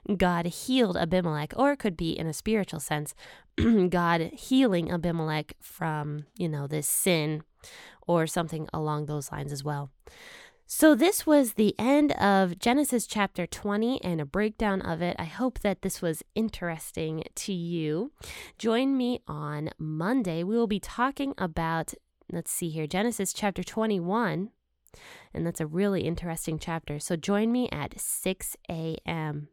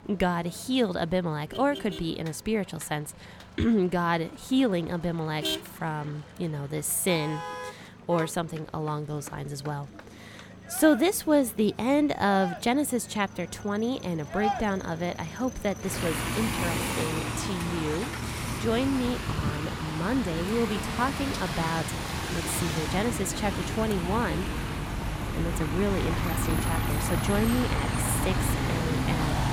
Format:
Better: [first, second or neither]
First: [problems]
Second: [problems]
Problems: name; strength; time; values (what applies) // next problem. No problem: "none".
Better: first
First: none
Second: traffic noise; loud; throughout; 2 dB below the speech